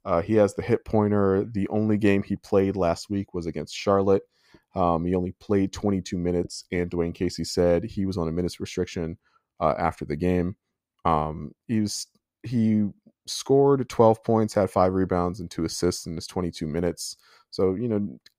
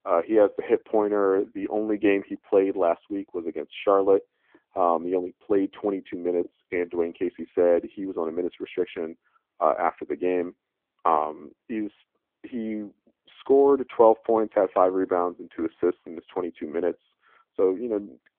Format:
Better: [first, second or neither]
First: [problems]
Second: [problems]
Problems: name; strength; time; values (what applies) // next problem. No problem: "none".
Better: first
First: none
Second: phone-call audio; poor line